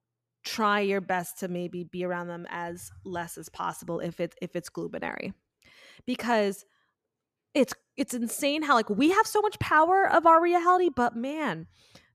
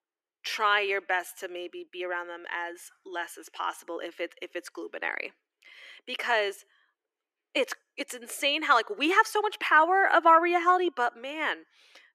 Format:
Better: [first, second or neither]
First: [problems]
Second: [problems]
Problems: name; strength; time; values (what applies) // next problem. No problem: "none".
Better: first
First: none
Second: thin; very; fading below 350 Hz